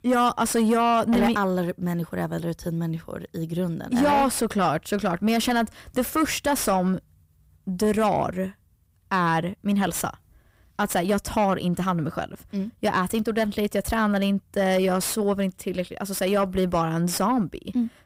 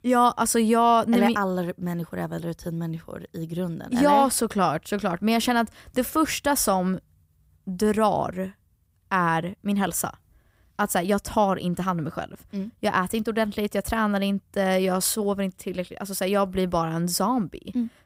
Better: second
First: distortion; slight; 10 dB below the speech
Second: none

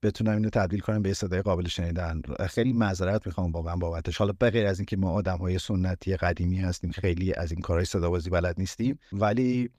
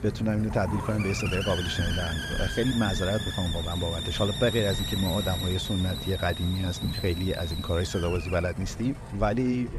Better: first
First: none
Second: hiss; loud; throughout; 4 dB below the speech

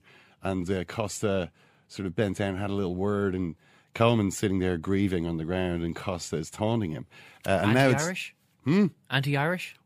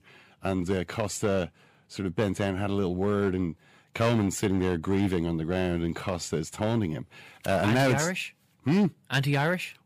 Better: first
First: none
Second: distortion; slight; 5% of the sound clipped

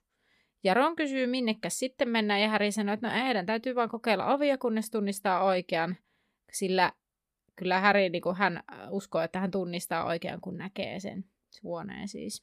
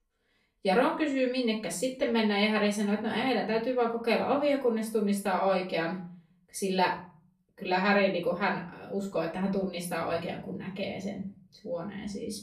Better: first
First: none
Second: off-mic speech; far // room echo; slight; dies away in 0.4 s

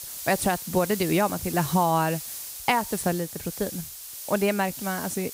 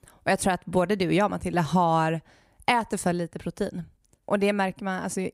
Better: second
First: hiss; loud; throughout; 8 dB below the speech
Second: none

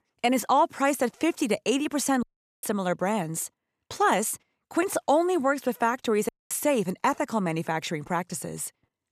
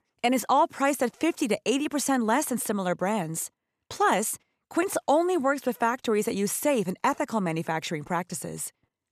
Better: second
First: audio cutting out; at 2 s and at 6.5 s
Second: none

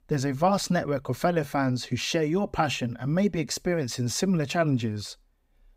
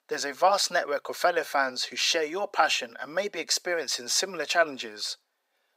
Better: first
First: none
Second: thin; very; fading below 500 Hz

